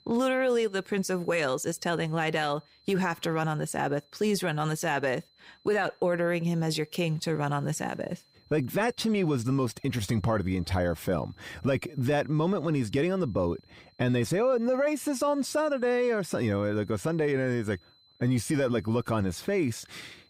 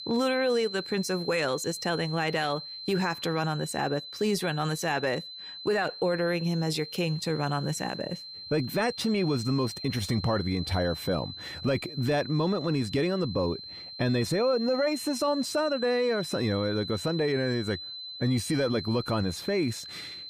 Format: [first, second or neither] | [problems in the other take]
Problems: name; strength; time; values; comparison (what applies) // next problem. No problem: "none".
first | high-pitched whine; loud; throughout; 4 kHz, 9 dB below the speech; faint in the first